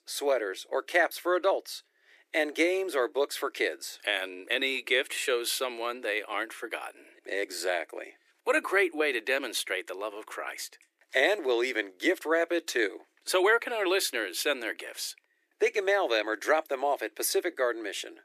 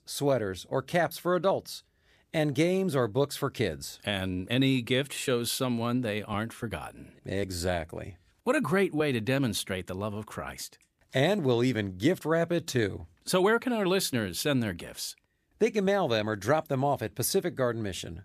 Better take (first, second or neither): second